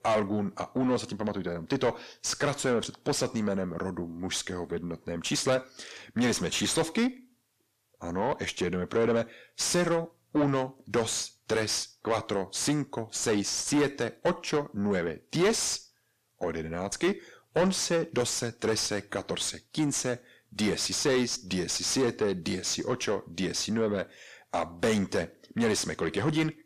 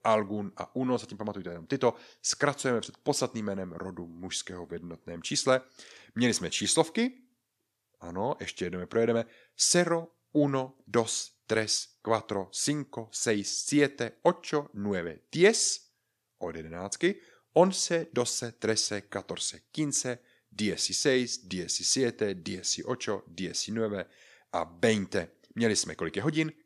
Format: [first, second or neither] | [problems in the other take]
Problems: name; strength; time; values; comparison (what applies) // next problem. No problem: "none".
second | distortion; heavy; 7 dB below the speech